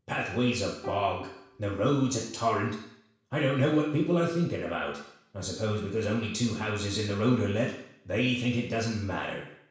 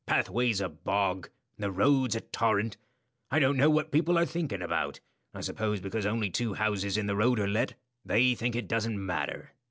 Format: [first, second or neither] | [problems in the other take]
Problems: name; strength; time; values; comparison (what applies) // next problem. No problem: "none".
second | background sound (Plucked string instrument); 17 dB below the speech // room echo; dies away in 0.7 s